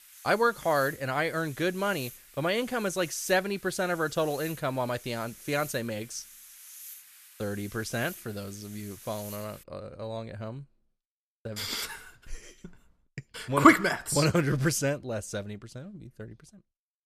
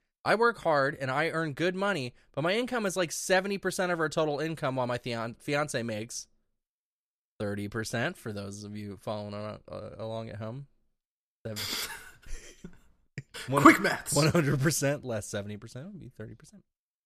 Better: second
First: hiss; noticeable; until 9.5 s; 15 dB below the speech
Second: none

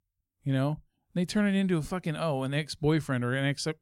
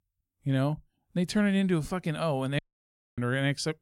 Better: first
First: none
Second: audio cutting out; at 2.5 s for 0.5 s

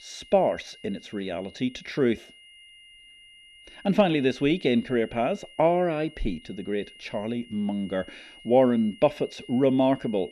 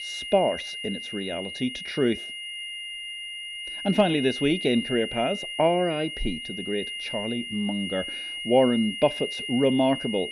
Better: first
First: high-pitched whine; faint; throughout; 3 kHz, 20 dB below the speech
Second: high-pitched whine; loud; throughout; 3 kHz, 6 dB below the speech

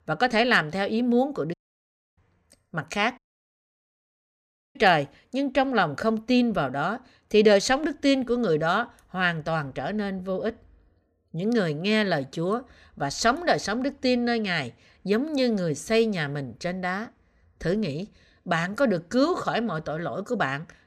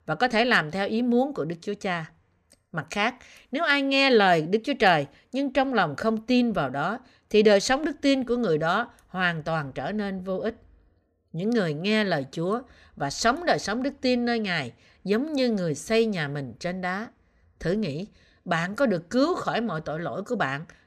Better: second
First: audio cutting out; at 1.5 s for 0.5 s and at 3 s for 1.5 s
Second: none

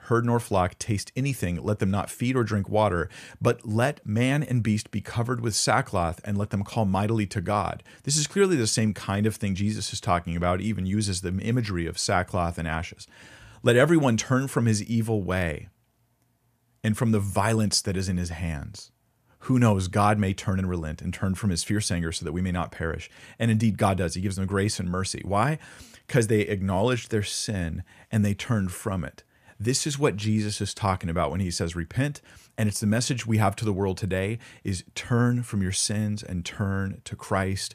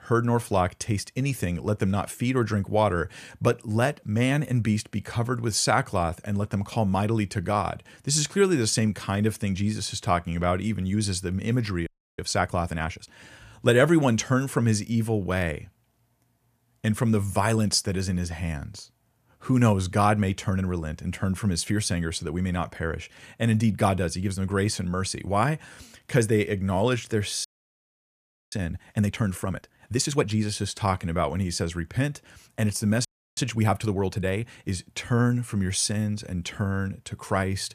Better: first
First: none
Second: audio freezing; at 12 s, at 27 s for 1 s and at 33 s

